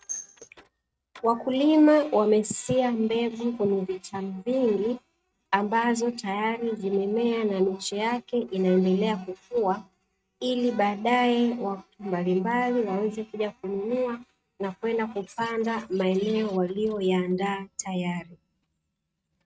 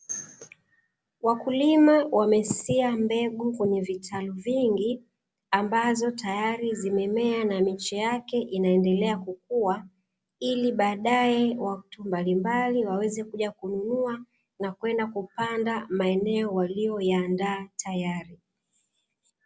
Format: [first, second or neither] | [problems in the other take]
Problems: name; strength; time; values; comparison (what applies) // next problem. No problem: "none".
second | noise reduction (neural mask model RNNoise)